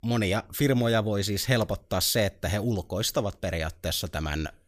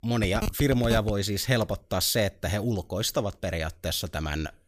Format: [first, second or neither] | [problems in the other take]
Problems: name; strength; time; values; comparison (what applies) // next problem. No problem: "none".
first | phone ringing; noticeable; at the start; peak 6 dB below the speech